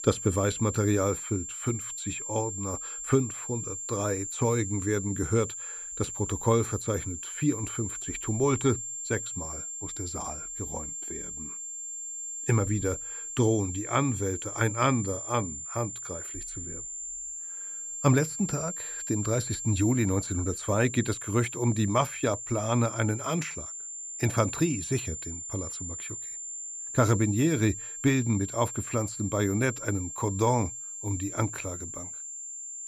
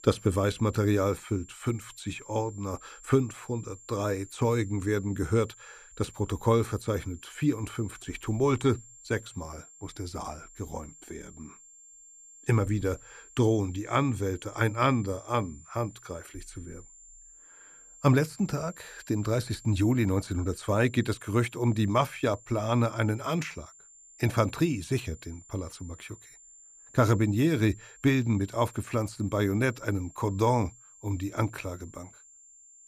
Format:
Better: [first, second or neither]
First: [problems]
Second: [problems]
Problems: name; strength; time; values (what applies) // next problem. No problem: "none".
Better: second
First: high-pitched whine; loud; throughout; 7.5 kHz, 6 dB below the speech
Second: high-pitched whine; faint; throughout; 7.5 kHz, 20 dB below the speech